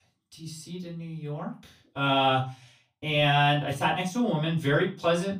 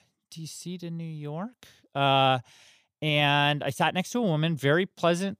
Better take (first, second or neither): second